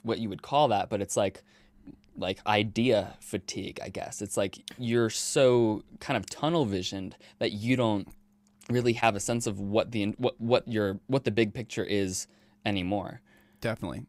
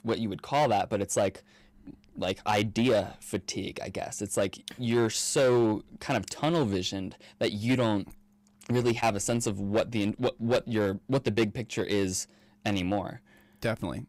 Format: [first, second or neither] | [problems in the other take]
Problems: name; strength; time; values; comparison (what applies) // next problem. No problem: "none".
first | distortion; slight; 4% of the sound clipped